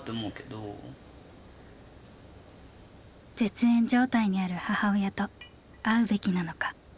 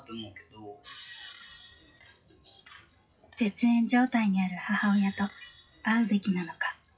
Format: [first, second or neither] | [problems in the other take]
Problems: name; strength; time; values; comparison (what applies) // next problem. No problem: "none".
first | noise reduction (classical method WPE with log-MMSE)